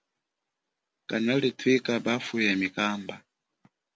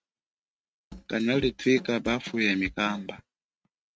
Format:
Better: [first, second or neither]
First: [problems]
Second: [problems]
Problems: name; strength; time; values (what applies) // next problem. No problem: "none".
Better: first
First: none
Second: noise reduction (neural mask model RNNoise)